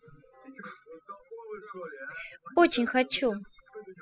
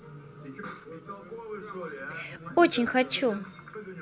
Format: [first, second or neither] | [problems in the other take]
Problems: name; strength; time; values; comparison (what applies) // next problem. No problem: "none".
second | noise reduction (classical method spectral subtraction)